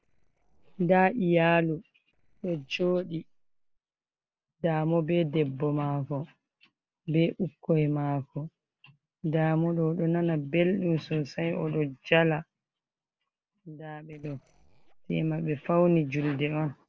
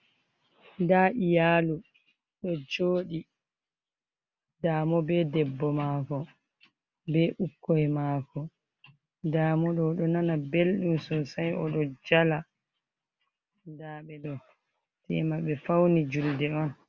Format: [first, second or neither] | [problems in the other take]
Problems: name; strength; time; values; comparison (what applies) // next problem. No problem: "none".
second | noise reduction (neural separator model SepFormer DNS4)